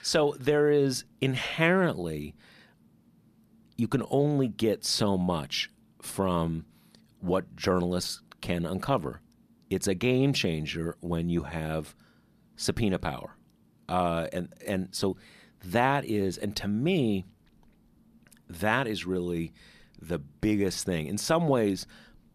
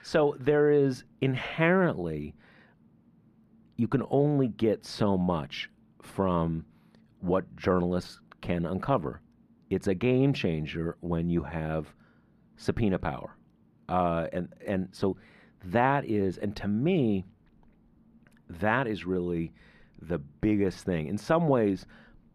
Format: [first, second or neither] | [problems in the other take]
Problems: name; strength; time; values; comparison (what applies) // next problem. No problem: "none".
first | muffled; slightly; fading above 3.5 kHz